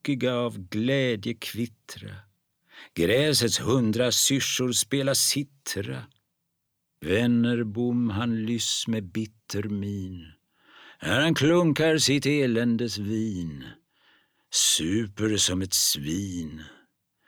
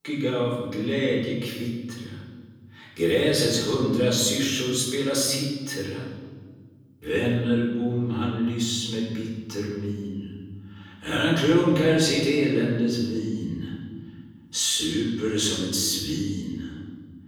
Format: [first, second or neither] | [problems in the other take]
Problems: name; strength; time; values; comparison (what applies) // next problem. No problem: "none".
first | off-mic speech; far // room echo; noticeable; dies away in 1.4 s